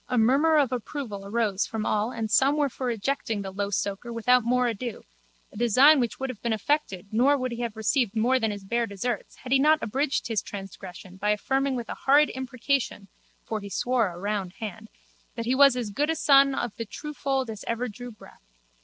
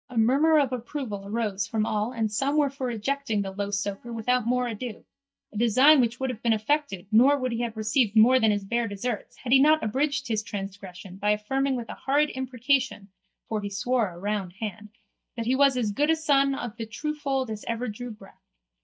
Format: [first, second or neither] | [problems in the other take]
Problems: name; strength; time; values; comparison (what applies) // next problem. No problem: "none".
first | noise reduction (neural mask model DeepFilterNet 3)